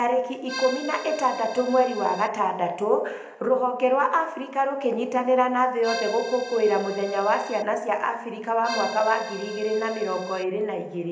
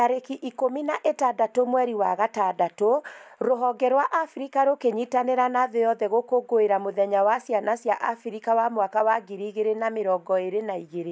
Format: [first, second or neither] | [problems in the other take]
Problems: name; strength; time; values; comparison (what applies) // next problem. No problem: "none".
second | background sound (Accordion); 12 dB below the speech // room echo; dies away in 0.8 s